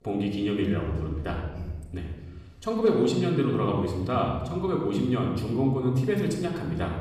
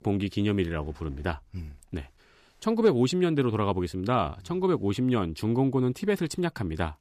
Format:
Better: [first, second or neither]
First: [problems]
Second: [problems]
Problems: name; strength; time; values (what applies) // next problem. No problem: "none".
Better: second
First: room echo; noticeable; dies away in 1.1 s // off-mic speech; somewhat distant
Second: none